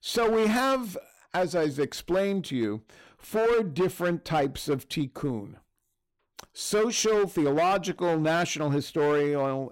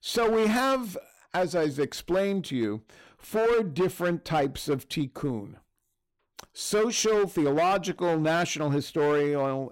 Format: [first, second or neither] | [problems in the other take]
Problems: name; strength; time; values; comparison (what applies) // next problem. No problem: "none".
neither | distortion; slight; 11% of the sound clipped; the same in both